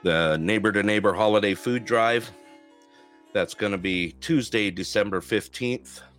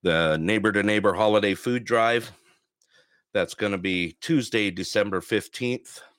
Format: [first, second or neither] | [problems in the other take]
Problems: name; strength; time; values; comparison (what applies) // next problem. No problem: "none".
second | background music; faint; throughout; 25 dB below the speech